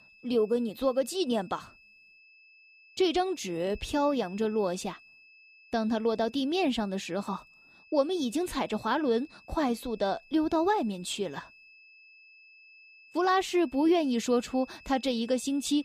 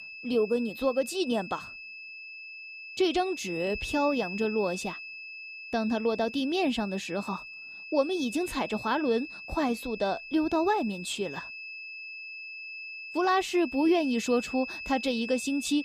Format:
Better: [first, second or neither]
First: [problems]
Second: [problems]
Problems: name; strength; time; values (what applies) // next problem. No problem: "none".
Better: first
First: high-pitched whine; faint; throughout; 2.5 kHz, 25 dB below the speech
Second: high-pitched whine; loud; throughout; 2.5 kHz, 10 dB below the speech